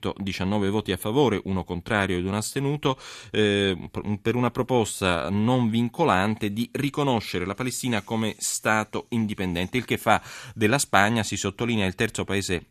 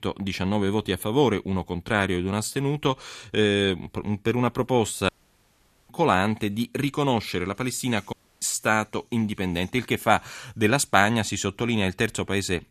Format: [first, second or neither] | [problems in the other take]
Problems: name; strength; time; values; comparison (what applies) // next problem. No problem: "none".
first | audio cutting out; at 5 s for 1 s and at 8 s